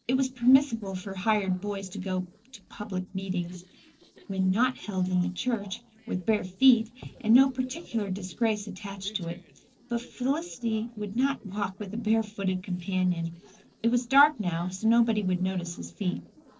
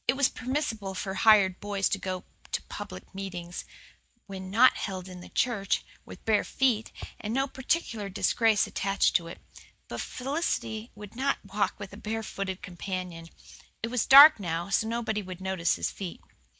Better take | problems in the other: second | noise reduction (neural separator model SepFormer DNS4)

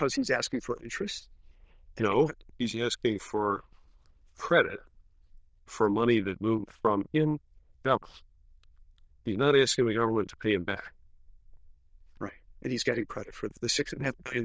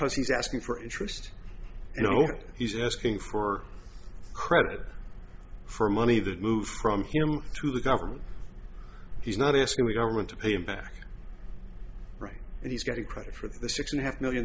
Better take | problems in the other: second | noise reduction (neural diffusion model UNIVERSE++)

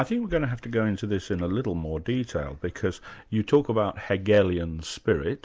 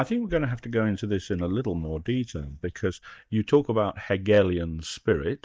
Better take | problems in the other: first | noise reduction (neural mask model DeepFilterNet 3)

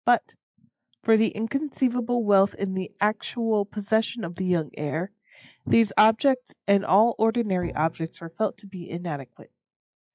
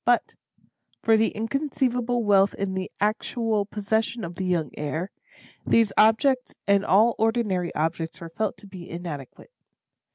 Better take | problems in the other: second | noise reduction (classical method log-MMSE)

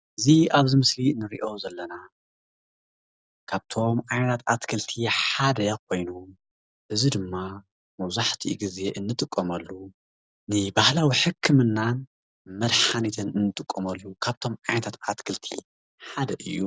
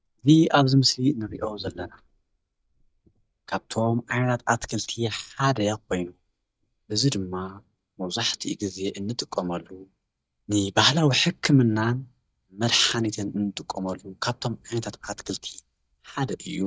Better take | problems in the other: first | noise reduction (neural mask model DeepFilterNet 3)

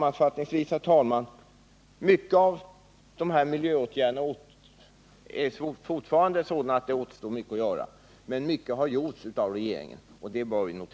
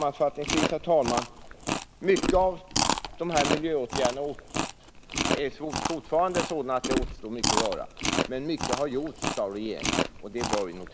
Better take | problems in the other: first | background sound (Chewing, mastication); 1 dB below the speech

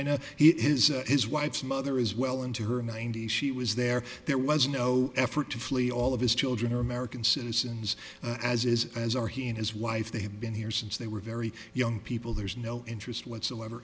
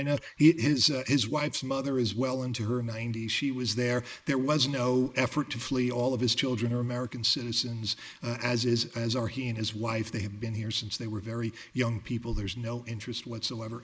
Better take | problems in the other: first | noise reduction (neural mask model Resemble Enhance denoiser)

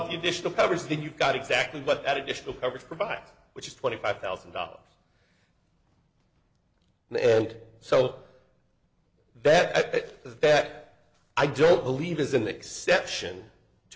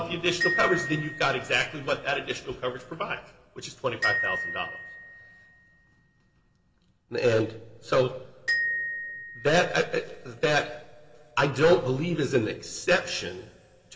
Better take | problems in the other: first | background sound (Glockenspiel); 6 dB below the speech // room echo; dies away in 2.9 s

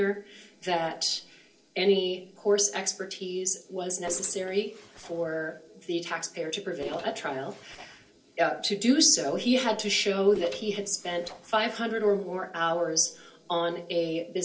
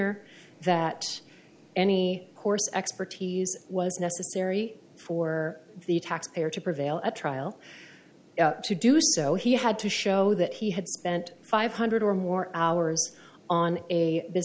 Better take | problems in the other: second | noise reduction (neural separator model SepFormer DNS4)

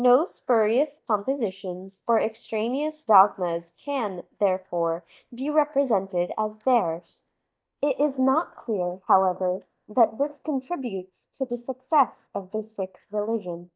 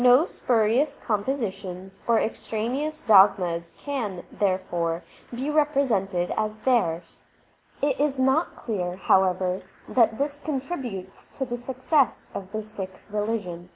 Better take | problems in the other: second | noise reduction (neural mask model DeepFilterNet 3)

